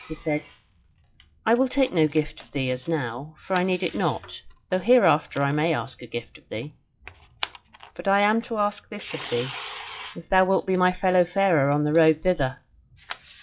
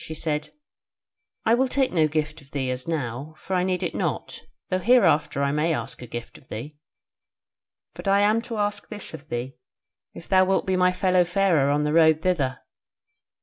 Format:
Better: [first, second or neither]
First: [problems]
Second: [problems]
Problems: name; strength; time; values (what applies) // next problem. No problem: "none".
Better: second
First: noise reduction (classical method log-MMSE)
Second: none